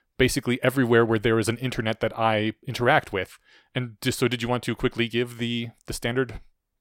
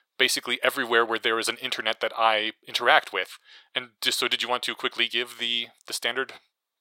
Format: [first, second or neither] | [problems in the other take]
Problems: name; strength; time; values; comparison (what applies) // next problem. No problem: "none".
first | thin; very; fading below 600 Hz